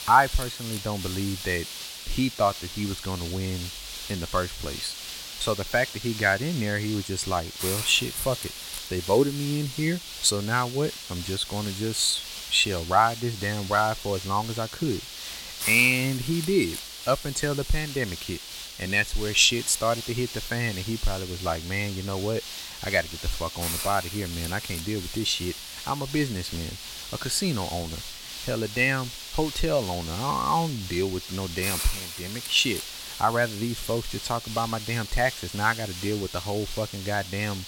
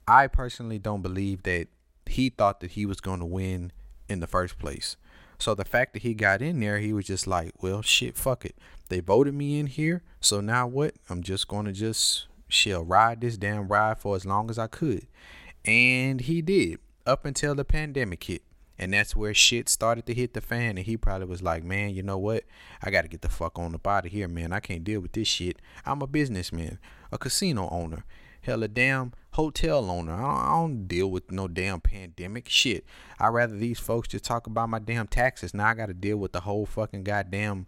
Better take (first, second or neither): second